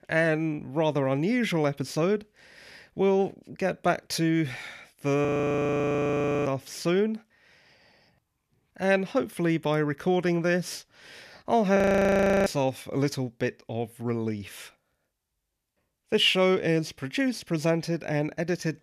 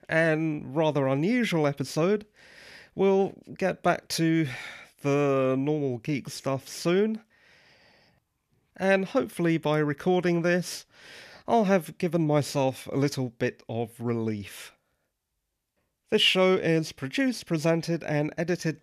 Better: second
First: audio freezing; at 5.5 s for 1 s and at 12 s for 0.5 s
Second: none

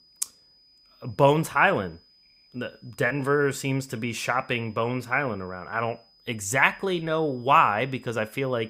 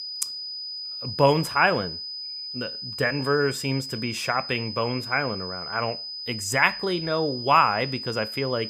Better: first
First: high-pitched whine; faint; throughout; 5 kHz, 30 dB below the speech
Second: high-pitched whine; loud; throughout; 5 kHz, 7 dB below the speech

